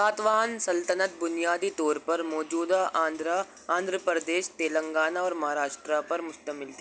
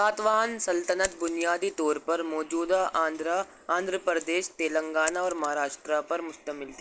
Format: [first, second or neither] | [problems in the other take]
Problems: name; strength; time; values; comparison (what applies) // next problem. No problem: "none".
first | noise reduction (neural mask model Resemble Enhance denoiser)